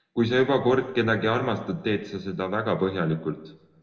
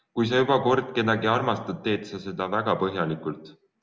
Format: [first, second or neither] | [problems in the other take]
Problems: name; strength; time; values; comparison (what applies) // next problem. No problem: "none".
second | room echo; dies away in 1.2 s